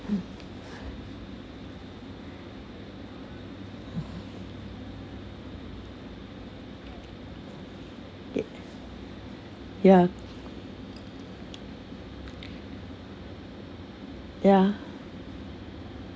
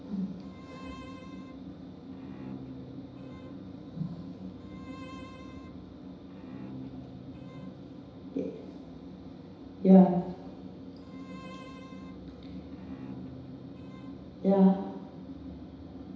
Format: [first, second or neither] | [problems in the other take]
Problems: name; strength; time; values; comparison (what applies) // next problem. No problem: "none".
first | background sound (Bowed string instrument); 16 dB below the speech // room echo; dies away in 1 s